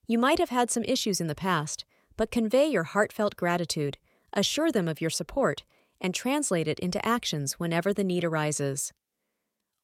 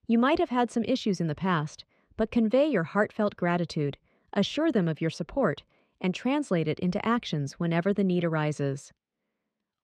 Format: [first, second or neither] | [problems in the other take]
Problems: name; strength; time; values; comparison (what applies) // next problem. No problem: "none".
first | muffled; slightly; fading above 3.5 kHz